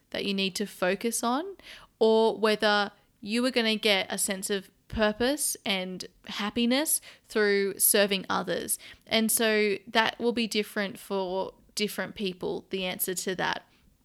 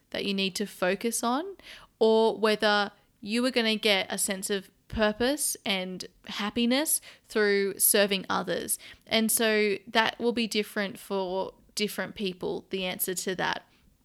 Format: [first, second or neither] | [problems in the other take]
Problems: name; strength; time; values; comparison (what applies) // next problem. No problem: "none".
neither | none